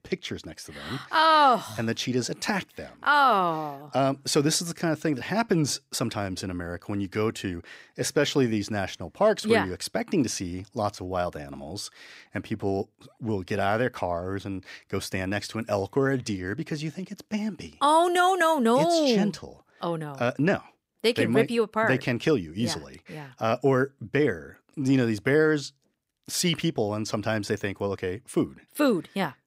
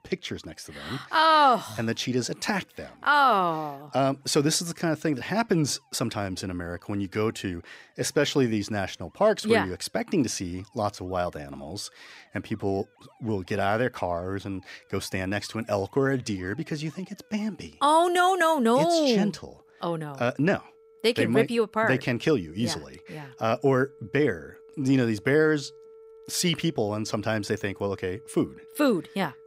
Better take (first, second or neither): first